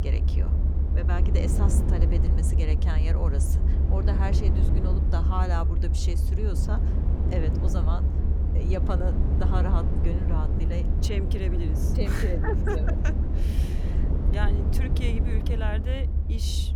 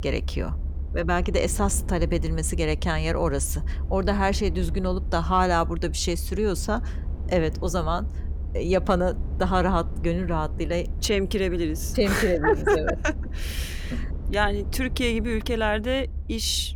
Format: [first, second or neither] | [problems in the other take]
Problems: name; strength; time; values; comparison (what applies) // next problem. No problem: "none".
second | low rumble; loud; throughout; 3 dB below the speech; faint in the second